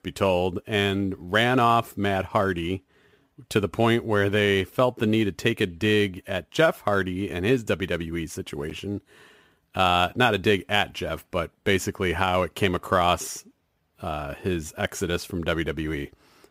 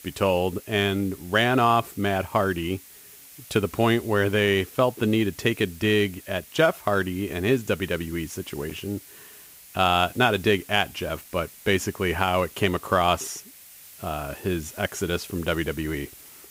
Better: first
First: none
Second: hiss; noticeable; throughout; 20 dB below the speech

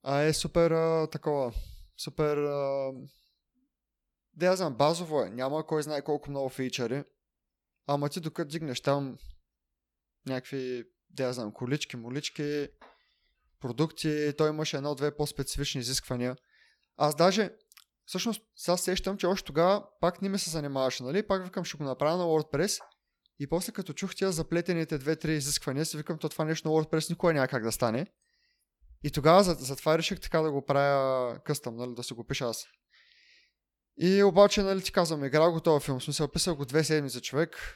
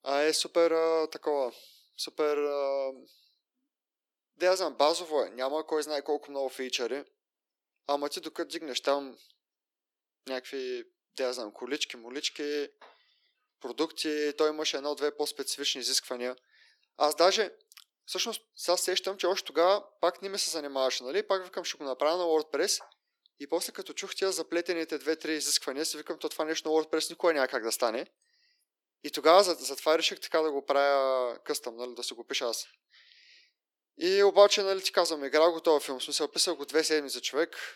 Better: first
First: none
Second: thin; somewhat; fading below 300 Hz

